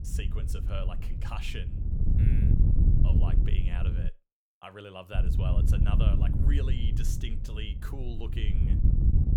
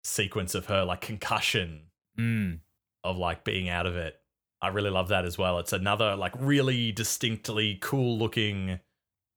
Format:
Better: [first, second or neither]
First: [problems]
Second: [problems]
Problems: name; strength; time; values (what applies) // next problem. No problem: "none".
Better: second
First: wind noise on the microphone; heavy; until 4 s and from 5 s on; 1 dB below the speech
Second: none